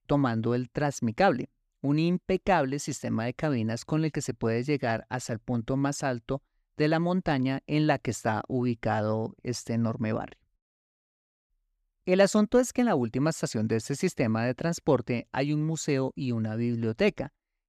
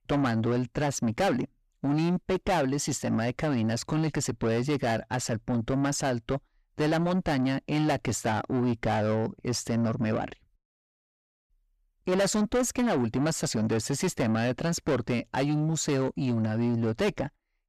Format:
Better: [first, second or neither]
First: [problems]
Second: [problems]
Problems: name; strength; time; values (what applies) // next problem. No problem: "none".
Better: first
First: none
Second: distortion; heavy; 7 dB below the speech